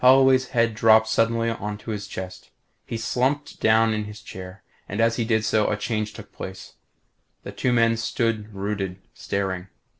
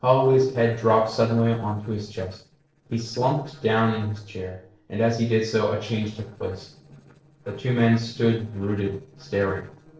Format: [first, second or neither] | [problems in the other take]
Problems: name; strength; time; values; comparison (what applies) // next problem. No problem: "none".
first | noise reduction (neural separator model SepFormer DNS4)